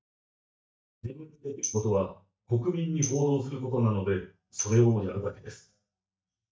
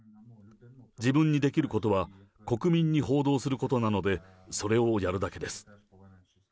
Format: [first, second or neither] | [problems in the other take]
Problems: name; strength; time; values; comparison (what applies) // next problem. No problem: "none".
second | noise reduction (neural mask model DeepFilterNet 3)